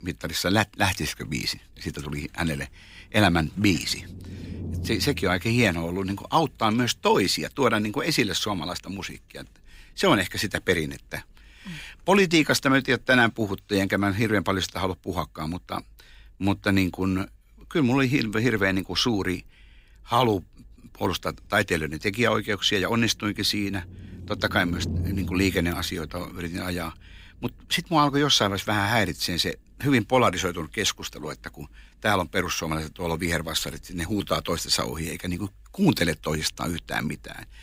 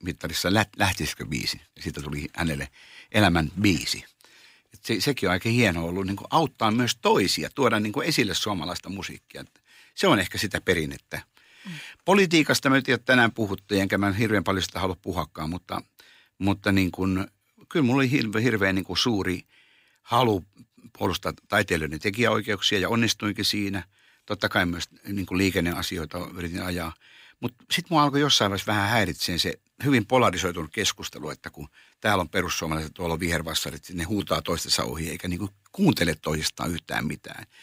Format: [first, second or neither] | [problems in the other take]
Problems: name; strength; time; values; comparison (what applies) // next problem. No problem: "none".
second | low rumble; faint; throughout; 20 dB below the speech